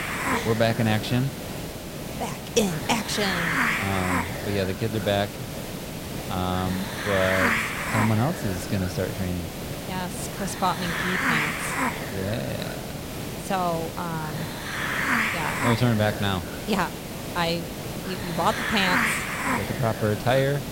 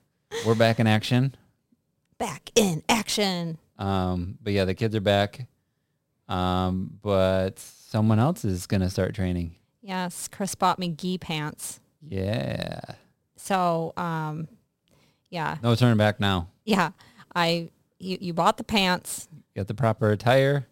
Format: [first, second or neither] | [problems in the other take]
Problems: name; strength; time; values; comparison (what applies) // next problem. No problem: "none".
second | hiss; loud; throughout; 1 dB below the speech